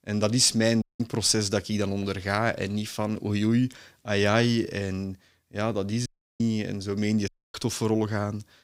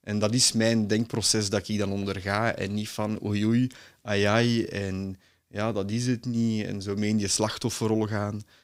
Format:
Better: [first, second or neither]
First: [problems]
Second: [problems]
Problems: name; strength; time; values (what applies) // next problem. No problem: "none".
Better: second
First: audio cutting out; at 1 s, at 6 s and at 7.5 s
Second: none